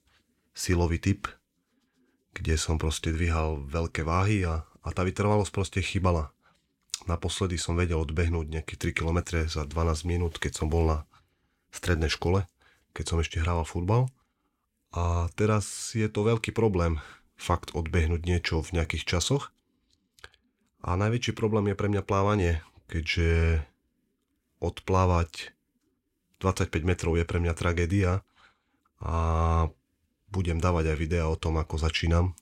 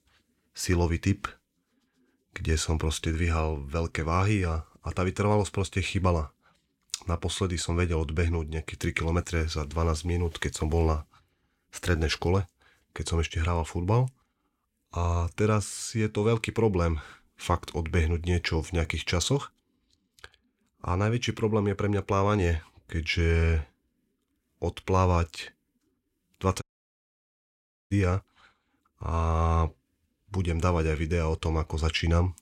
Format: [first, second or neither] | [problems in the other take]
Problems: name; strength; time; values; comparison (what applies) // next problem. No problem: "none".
first | audio cutting out; at 27 s for 1.5 s